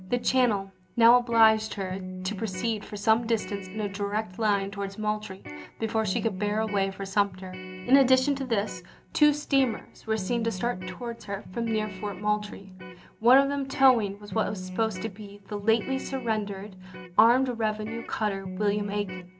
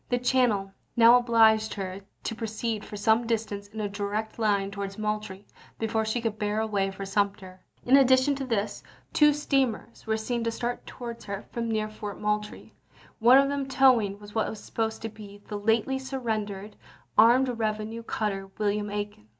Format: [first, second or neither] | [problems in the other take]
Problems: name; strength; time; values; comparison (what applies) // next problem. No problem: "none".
second | background sound (Electric guitar); 12 dB below the speech